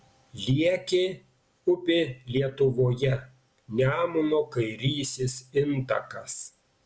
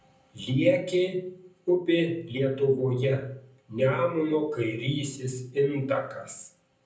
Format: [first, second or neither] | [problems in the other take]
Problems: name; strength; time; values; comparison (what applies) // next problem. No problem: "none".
first | room echo; dies away in 0.6 s